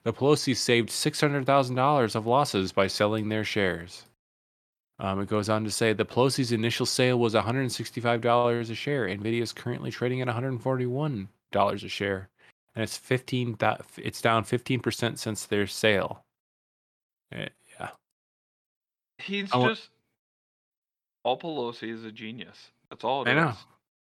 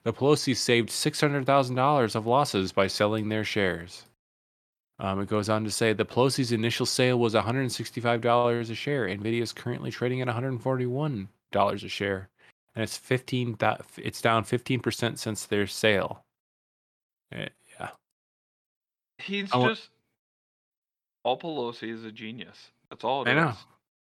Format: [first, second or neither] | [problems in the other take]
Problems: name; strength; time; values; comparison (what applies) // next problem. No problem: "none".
neither | none